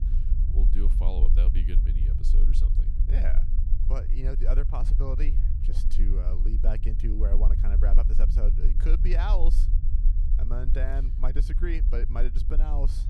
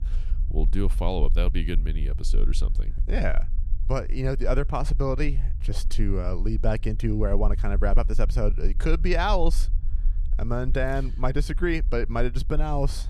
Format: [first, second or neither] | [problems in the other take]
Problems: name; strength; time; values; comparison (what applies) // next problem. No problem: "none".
second | low rumble; loud; throughout; 8 dB below the speech; faint in the second